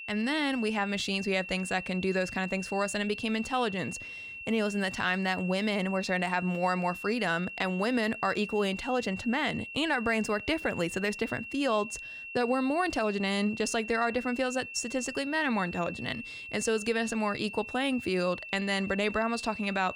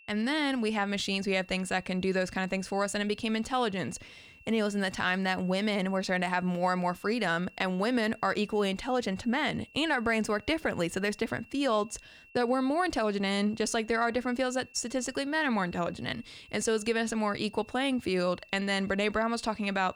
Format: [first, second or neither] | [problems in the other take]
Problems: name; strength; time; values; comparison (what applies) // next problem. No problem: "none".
second | high-pitched whine; loud; throughout; 2.5 kHz, 10 dB below the speech; faint in the second